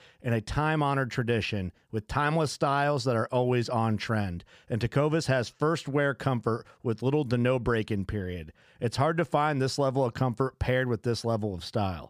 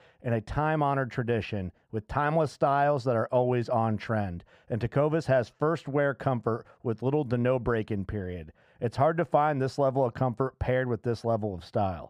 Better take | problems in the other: first | muffled; slightly; fading above 2.5 kHz

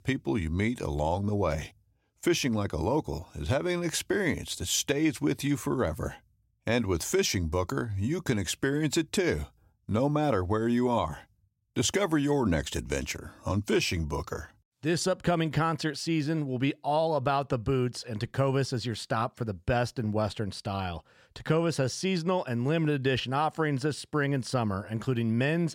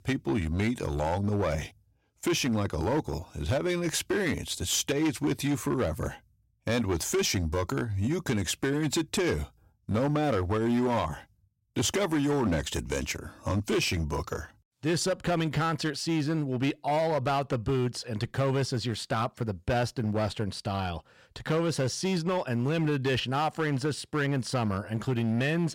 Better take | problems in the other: first | distortion; slight; 10% of the sound clipped

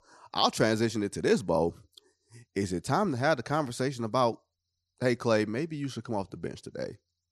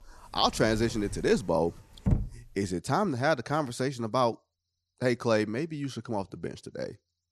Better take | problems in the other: first | door banging; noticeable; from 1 to 2.5 s; peak 1 dB below the speech

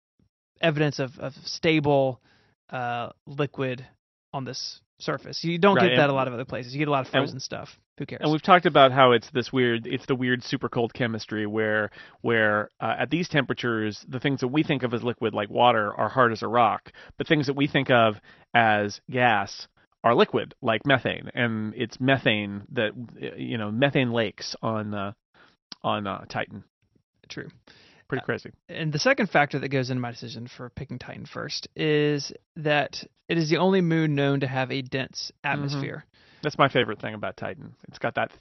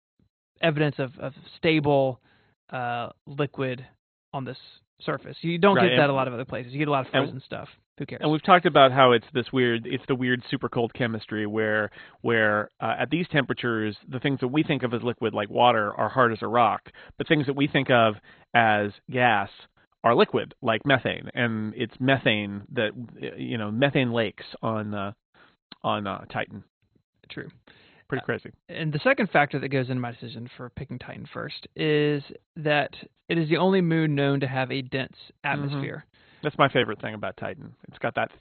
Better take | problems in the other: first | garbled, watery; badly; nothing above 4 kHz; slightly in the first

